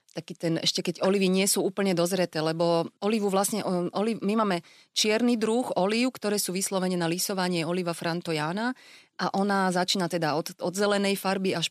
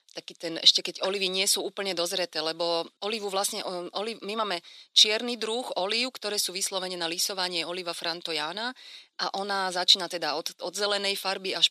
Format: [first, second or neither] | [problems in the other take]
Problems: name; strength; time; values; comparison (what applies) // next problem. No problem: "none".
first | thin; somewhat; fading below 400 Hz